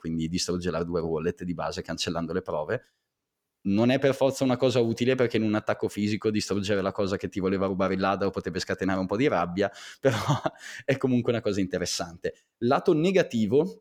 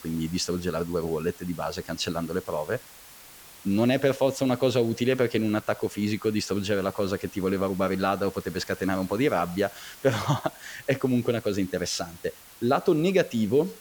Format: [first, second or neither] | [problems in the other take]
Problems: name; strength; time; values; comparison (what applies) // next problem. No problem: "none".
first | hiss; noticeable; throughout; 20 dB below the speech